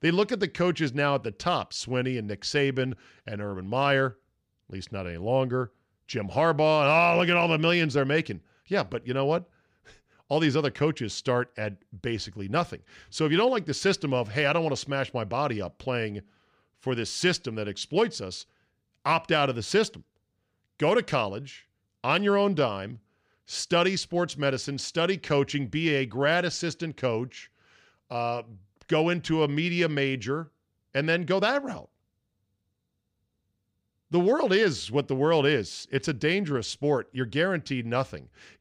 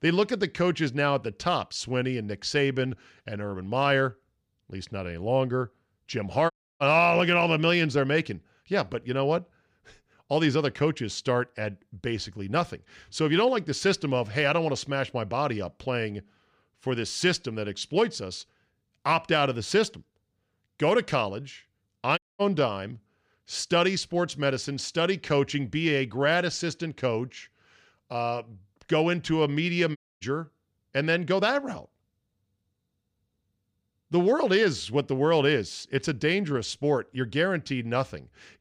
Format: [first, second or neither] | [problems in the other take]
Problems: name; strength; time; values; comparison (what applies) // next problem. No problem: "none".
first | audio cutting out; at 6.5 s, at 22 s and at 30 s